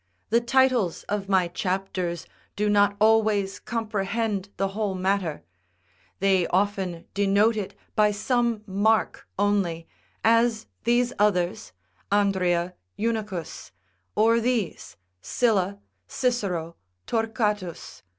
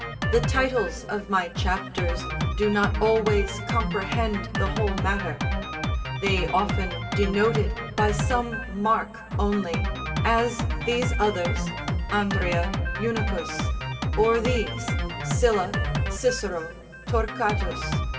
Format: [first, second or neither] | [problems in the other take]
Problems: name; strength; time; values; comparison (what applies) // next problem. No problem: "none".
first | background sound (Drum kit); 1 dB below the speech // room echo; dies away in 2.9 s